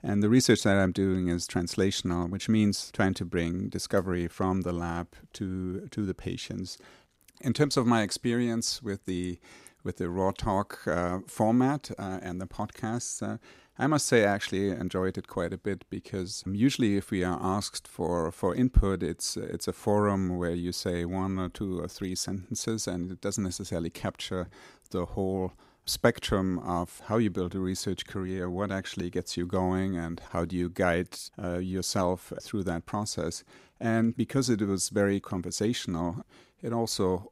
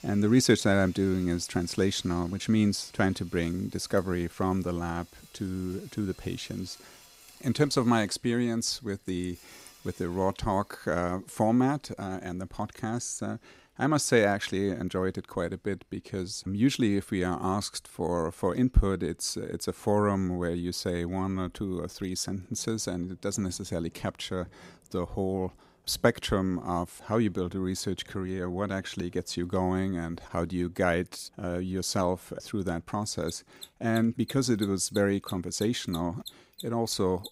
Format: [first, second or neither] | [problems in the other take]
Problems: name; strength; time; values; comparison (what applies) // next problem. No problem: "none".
first | machinery noise; faint; throughout; 20 dB below the speech